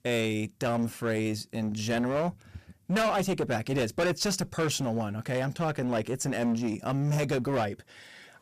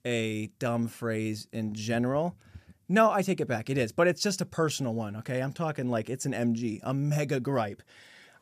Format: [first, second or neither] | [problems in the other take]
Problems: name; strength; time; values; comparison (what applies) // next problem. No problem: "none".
second | distortion; heavy; 15% of the sound clipped